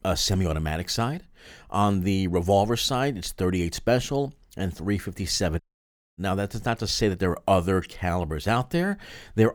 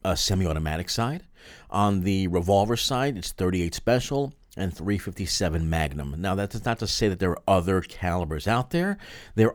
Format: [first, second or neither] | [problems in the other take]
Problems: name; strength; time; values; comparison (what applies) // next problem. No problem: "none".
second | audio cutting out; at 5.5 s for 0.5 s